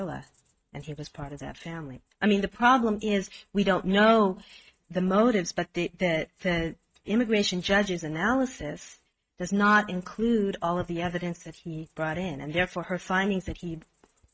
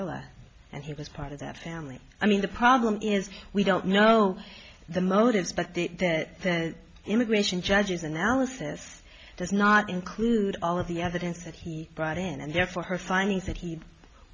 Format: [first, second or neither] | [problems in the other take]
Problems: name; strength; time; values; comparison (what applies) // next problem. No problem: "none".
second | noise reduction (neural mask model RNNoise)